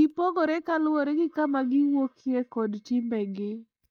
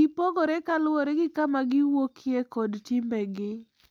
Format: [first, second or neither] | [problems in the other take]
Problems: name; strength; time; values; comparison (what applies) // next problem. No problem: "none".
second | noise reduction (neural mask model DeepFilterNet 3)